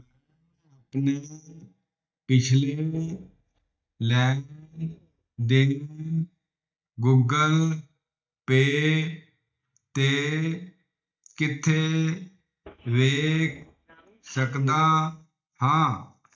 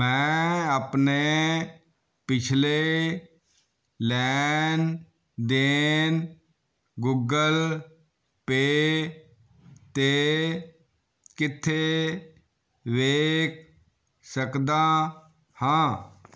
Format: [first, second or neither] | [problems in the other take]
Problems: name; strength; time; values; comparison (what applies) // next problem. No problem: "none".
second | noise reduction (neural mask model DeepFilterNet 3)